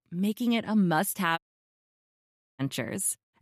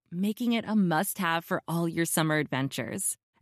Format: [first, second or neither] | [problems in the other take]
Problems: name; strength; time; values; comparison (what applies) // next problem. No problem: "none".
second | audio cutting out; at 1.5 s for 1 s